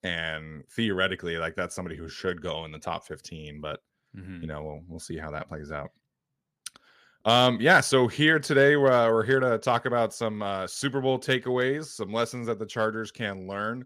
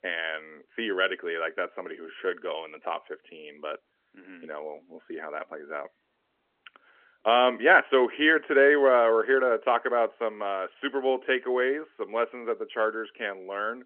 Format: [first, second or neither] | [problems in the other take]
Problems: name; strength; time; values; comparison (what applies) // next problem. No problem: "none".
first | phone-call audio; nothing above 3.5 kHz